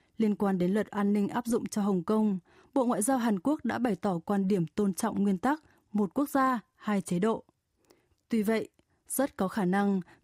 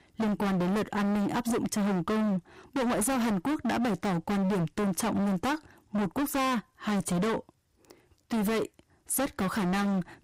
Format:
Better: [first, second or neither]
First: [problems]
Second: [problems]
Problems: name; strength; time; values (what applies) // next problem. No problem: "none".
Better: first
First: none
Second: distortion; heavy; 35% of the sound clipped